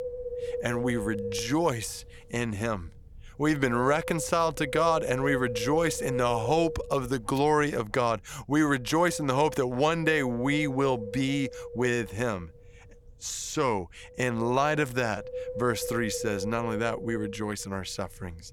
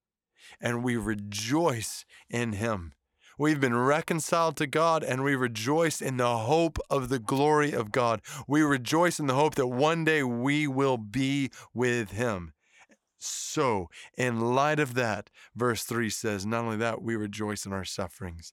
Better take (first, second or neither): second